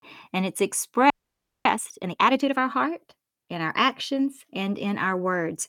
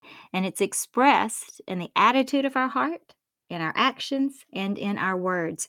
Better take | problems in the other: second | audio freezing; at 1 s for 0.5 s

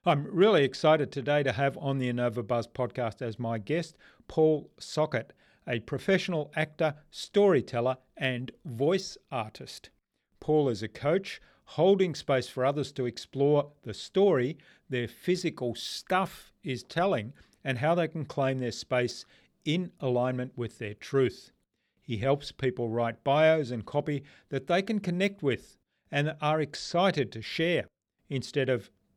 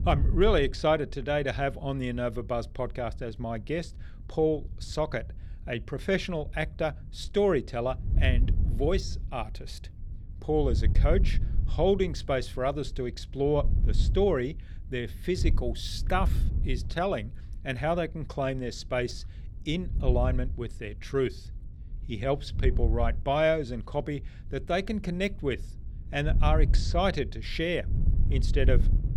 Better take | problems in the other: first | wind noise on the microphone; occasional gusts; 20 dB below the speech

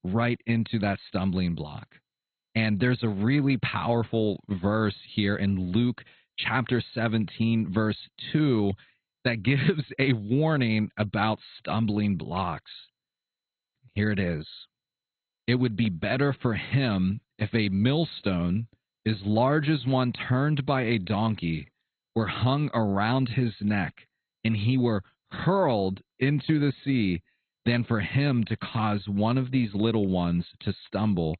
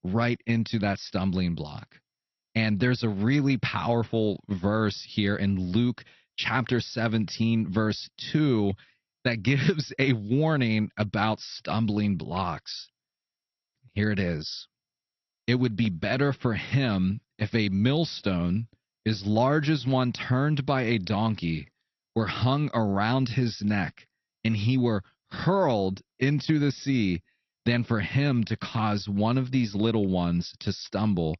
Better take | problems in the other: second | garbled, watery; badly; nothing above 4 kHz; slightly in the second

